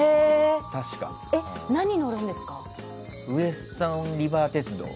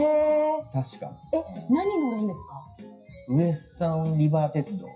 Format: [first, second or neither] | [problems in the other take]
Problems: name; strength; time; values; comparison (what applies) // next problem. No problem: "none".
first | noise reduction (classical method WPE with log-MMSE)